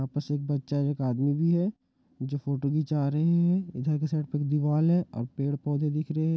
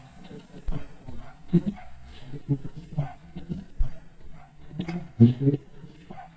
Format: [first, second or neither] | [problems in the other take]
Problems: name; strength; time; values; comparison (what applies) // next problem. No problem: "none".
first | noise reduction (neural mask model DeepFilterNet 3)